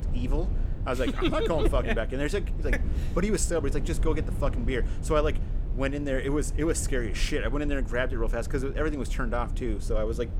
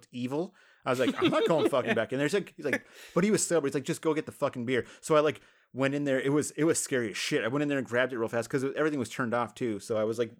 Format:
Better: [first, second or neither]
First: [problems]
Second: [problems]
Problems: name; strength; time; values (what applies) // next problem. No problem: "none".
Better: second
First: low rumble; noticeable; throughout; 15 dB below the speech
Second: none